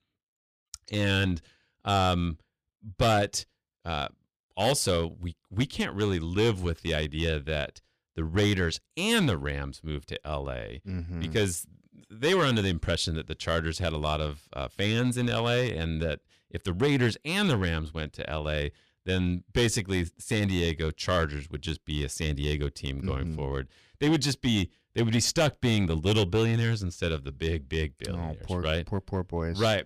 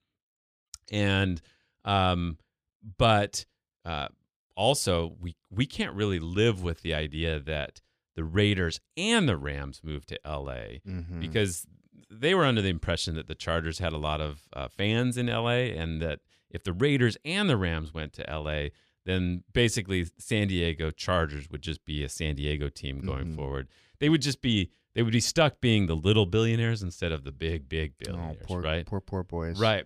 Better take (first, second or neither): second